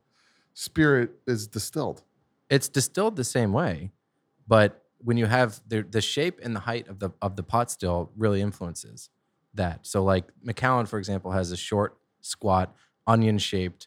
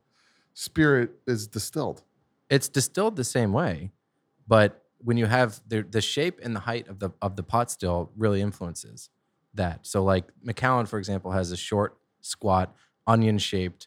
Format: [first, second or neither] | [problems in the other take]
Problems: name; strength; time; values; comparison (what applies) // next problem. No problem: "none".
neither | none